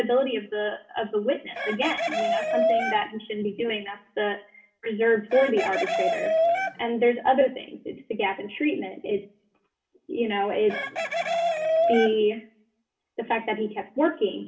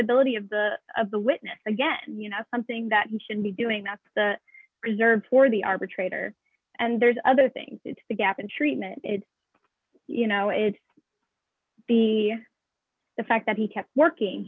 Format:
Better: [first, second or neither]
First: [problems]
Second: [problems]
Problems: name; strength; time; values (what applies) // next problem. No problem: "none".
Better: second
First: background sound (Chicken, rooster); 1 dB below the speech // room echo; dies away in 0.4 s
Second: none